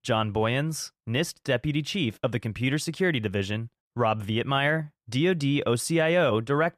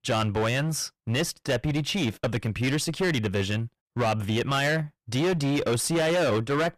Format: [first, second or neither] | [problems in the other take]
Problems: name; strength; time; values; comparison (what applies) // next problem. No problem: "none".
first | distortion; heavy; 21% of the sound clipped